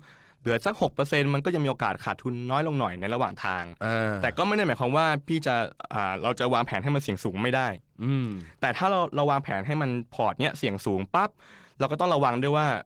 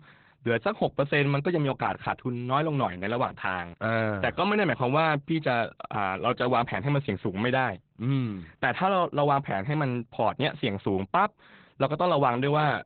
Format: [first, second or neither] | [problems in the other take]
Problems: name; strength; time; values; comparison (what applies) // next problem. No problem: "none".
first | garbled, watery; badly; nothing above 4 kHz; slightly in the first